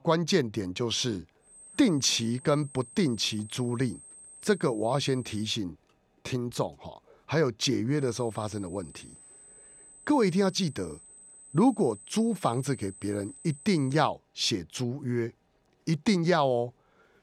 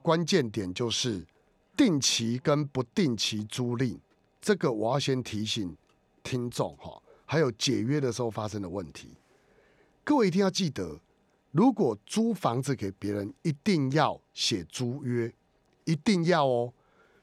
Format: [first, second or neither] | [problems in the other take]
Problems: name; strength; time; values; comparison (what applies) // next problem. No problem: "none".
second | high-pitched whine; noticeable; from 1.5 to 5.5 s and from 8 to 14 s; 8 kHz, 20 dB below the speech